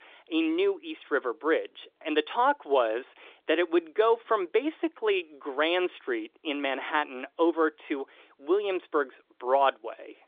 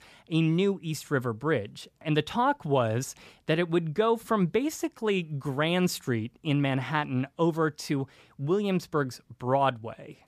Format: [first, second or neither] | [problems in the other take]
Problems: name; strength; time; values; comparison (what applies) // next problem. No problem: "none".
second | phone-call audio